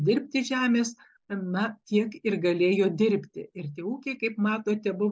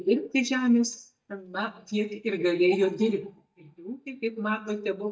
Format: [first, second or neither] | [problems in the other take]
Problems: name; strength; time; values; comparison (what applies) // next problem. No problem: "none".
first | noise reduction (neural mask model DeepFilterNet 3)